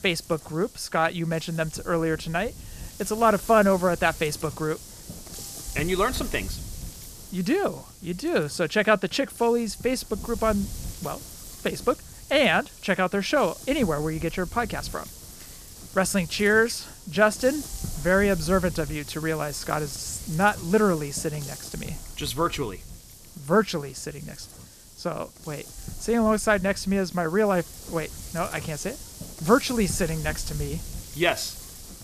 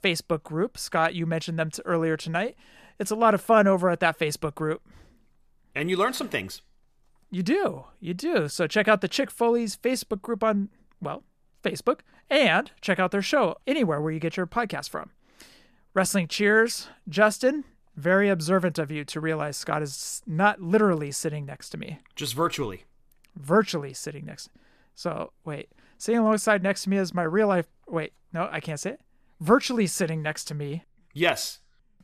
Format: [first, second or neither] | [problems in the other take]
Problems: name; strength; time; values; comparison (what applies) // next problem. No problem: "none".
second | wind noise on the microphone; occasional gusts; 20 dB below the speech